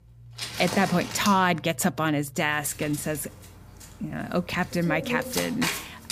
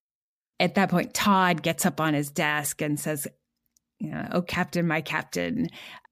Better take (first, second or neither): second